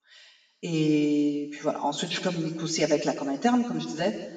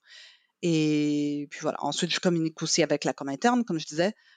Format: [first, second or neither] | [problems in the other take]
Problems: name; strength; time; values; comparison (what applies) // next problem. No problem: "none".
second | room echo; noticeable; dies away in 1.2 s // off-mic speech; far